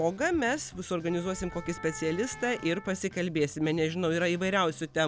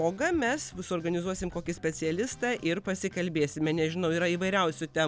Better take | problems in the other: second | background sound (Wind instrument, woodwind instrument); 17 dB below the speech

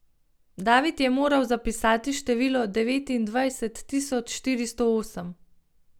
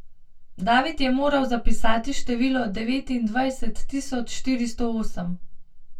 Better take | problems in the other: first | room echo; dies away in 0.1 s

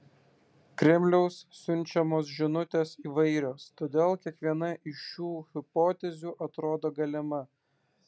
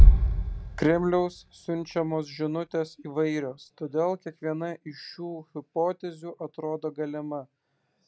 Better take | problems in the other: first | background sound (Bass drum); 3 dB above the speech

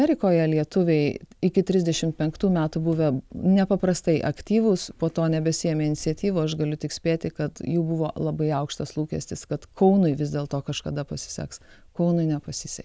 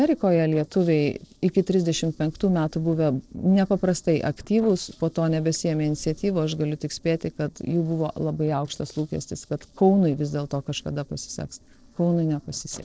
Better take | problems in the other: first | noise reduction (neural separator model SepFormer DNS4)

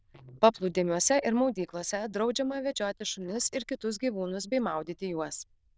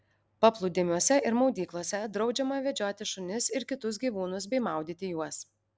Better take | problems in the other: second | noise reduction (neural diffusion model UNIVERSE++)

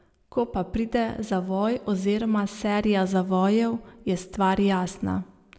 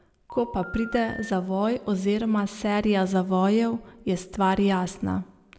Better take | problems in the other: first | background sound (Telephone); 15 dB below the speech

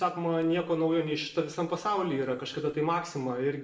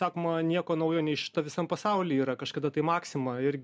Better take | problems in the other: second | noise reduction (neural separator model SepFormer DNS4)

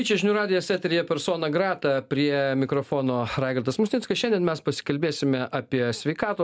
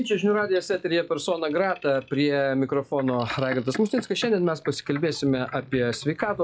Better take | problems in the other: first | noise reduction (classical method log-MMSE)

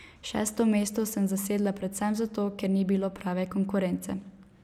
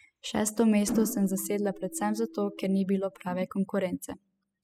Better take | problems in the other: first | noise reduction (classical method spectral subtraction)

